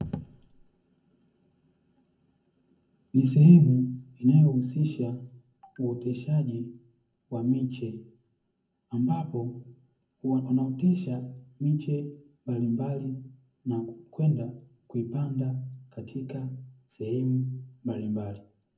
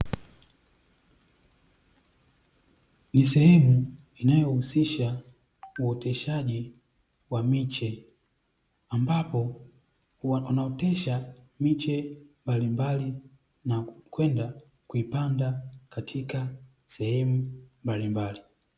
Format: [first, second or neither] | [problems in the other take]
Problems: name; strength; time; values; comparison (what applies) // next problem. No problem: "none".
second | room echo; dies away in 0.3 s